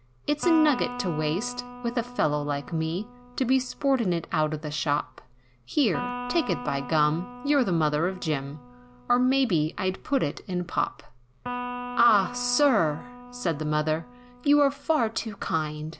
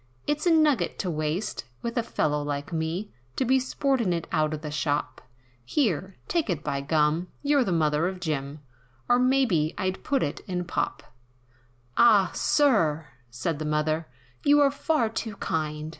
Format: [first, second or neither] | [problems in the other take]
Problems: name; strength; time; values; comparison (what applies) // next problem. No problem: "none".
second | background sound (Electric guitar); 13 dB below the speech